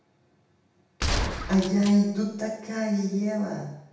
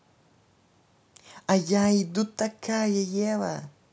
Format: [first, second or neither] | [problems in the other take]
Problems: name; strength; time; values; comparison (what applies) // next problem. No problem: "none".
second | background sound (Gunshot, gunfire); 4 dB below the speech // room echo; dies away in 0.9 s